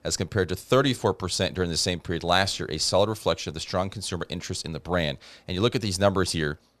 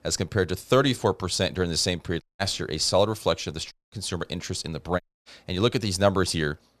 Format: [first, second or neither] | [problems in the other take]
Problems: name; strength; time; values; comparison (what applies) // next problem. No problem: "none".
first | audio cutting out; at 2 s, at 3.5 s and at 5 s